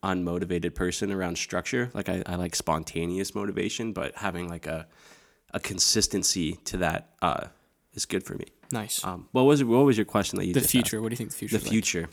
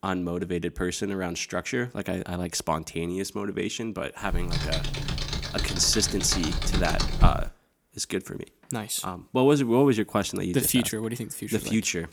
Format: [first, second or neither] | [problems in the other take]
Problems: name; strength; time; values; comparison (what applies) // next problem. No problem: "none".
first | keyboard typing; loud; from 4.5 to 7.5 s; peak 2 dB above the speech